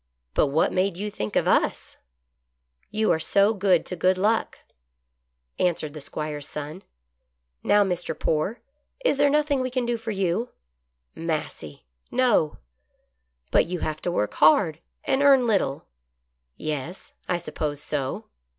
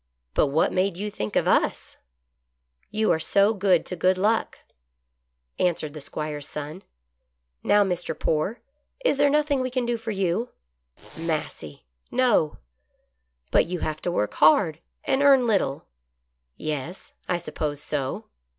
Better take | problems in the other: first | background sound (Zipper (clothing)); 18 dB below the speech

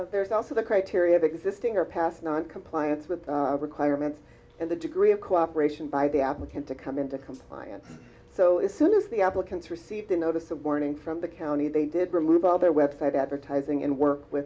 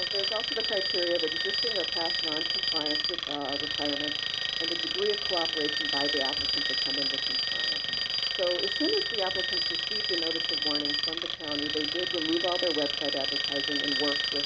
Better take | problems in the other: first | background sound (Alarm); 4 dB above the speech

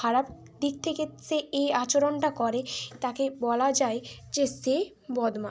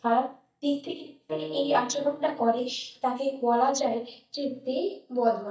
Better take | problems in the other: first | noise reduction (neural mask model DeepFilterNet 3)

